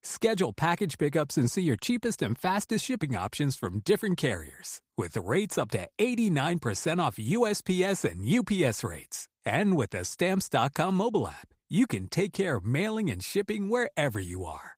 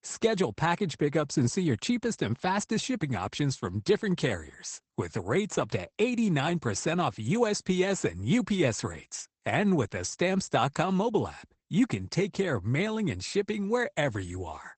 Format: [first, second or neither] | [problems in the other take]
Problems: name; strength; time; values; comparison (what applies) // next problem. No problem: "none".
first | garbled, watery; badly; nothing above 8 kHz; slightly in the first